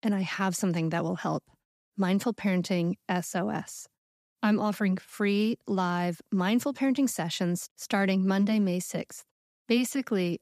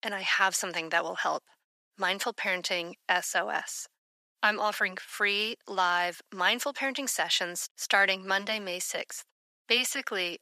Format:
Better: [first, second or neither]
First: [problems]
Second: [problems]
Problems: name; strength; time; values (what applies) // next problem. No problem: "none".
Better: first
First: none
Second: thin; very; fading below 700 Hz